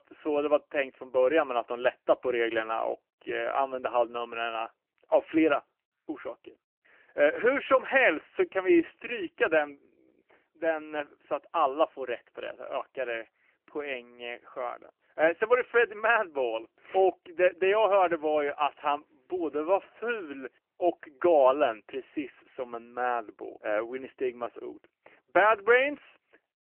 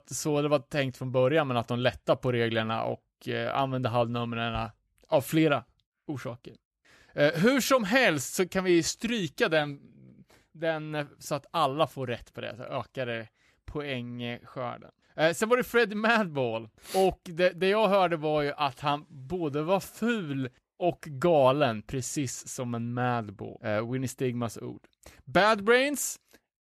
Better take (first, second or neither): second